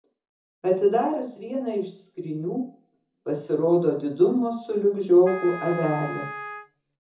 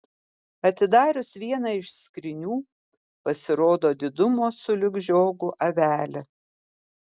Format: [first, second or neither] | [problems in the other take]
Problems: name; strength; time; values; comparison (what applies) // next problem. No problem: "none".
second | background sound (Wind instrument, woodwind instrument); 13 dB below the speech // room echo; dies away in 0.5 s